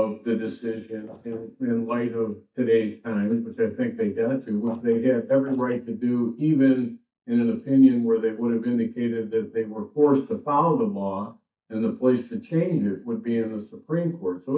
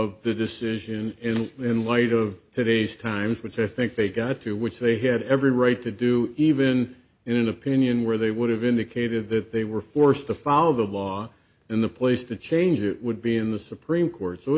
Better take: second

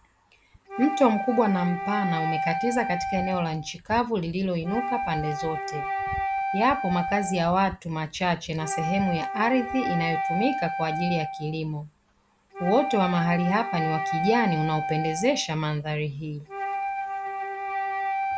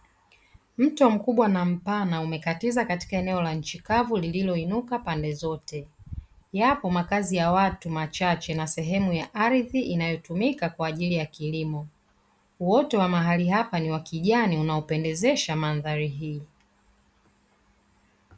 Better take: second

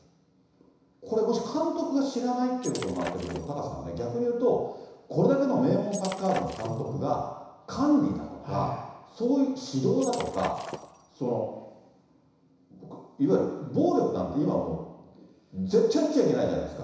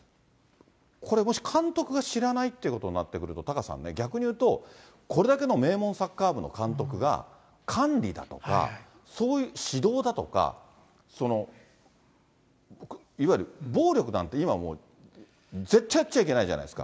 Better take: second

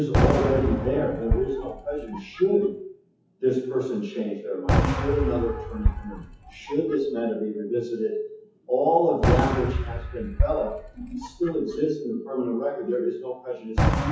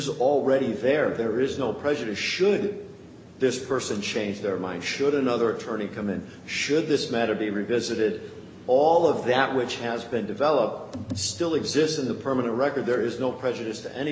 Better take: second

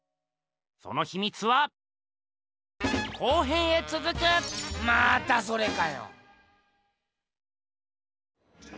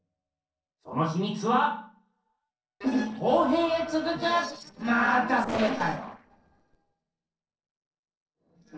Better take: first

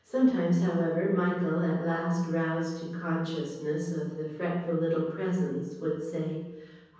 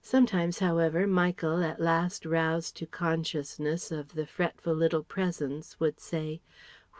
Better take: second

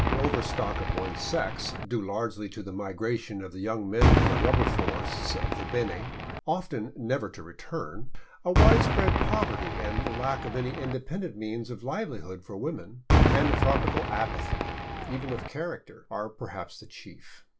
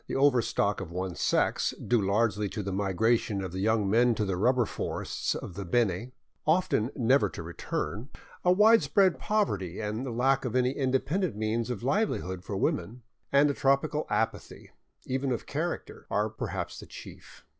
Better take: second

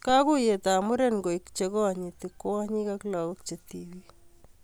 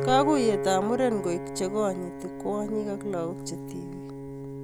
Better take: first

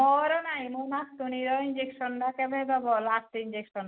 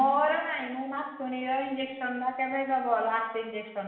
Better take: first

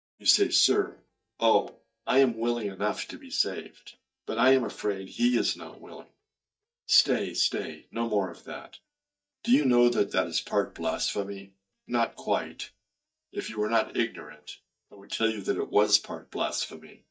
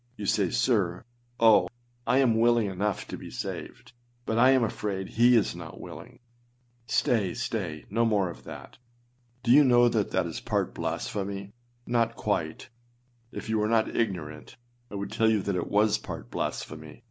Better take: second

